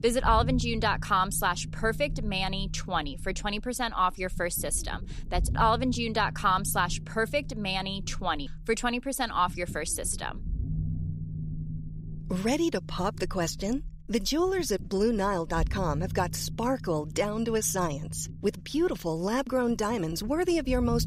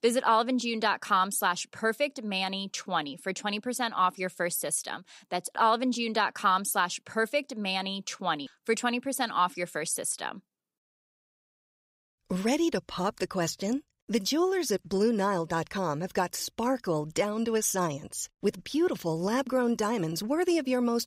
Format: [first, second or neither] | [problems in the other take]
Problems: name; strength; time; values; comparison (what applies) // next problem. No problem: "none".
second | low rumble; faint; throughout; 20 dB below the speech